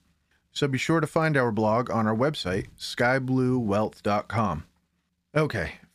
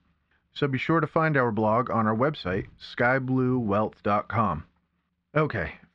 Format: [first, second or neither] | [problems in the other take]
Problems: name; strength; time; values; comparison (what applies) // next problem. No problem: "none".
first | muffled; slightly; fading above 3 kHz